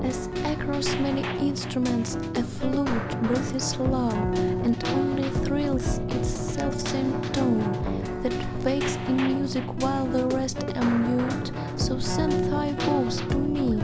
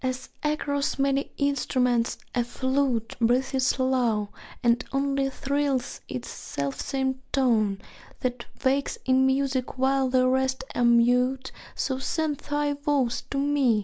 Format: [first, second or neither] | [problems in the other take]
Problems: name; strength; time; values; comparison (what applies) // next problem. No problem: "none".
second | background sound (Keyboard (musical)); as loud as the speech